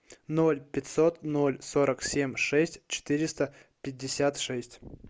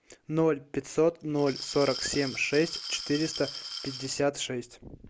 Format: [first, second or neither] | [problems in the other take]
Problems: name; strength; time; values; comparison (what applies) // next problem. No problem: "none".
first | background sound (Glass); 10 dB below the speech